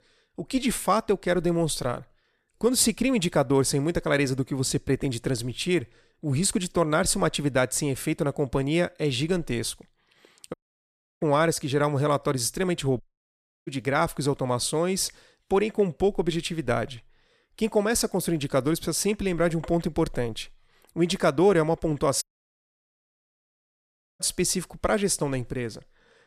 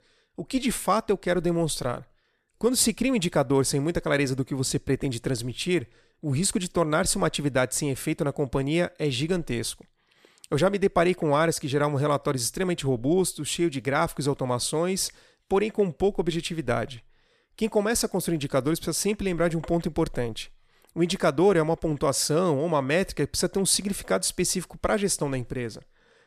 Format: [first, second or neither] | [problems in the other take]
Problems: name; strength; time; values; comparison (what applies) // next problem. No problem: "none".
second | audio cutting out; at 11 s for 0.5 s, at 13 s for 0.5 s and at 22 s for 2 s